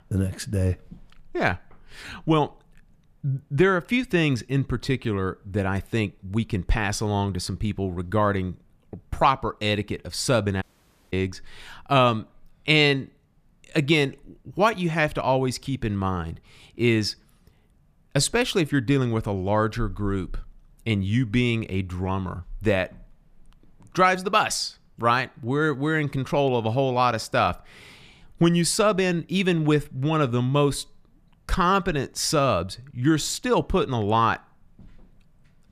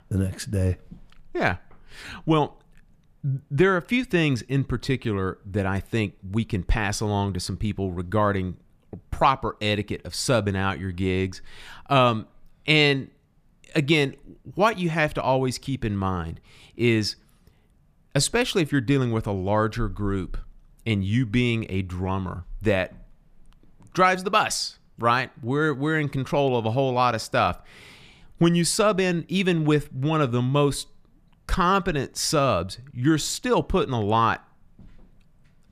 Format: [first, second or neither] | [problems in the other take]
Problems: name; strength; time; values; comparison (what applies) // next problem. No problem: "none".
second | audio cutting out; at 11 s for 0.5 s